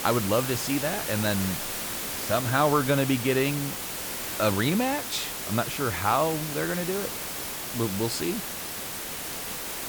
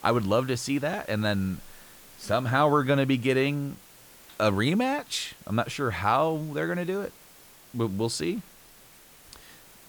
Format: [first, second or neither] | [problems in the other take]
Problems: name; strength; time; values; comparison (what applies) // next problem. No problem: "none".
second | hiss; loud; throughout; 4 dB below the speech; faint in the second